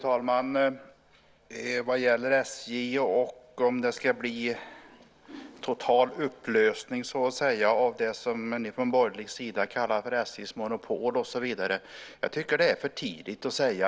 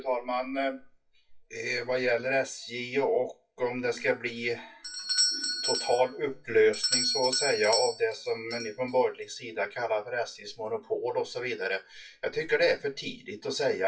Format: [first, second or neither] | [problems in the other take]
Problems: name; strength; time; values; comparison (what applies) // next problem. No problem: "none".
first | noise reduction (classical method WPE with log-MMSE)